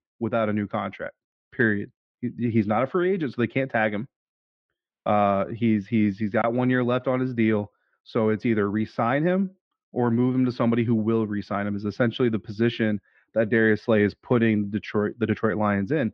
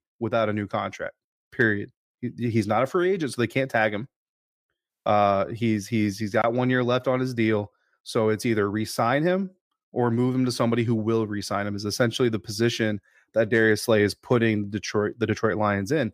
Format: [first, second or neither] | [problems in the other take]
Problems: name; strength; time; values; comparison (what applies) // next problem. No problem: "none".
second | muffled; slightly; fading above 3.5 kHz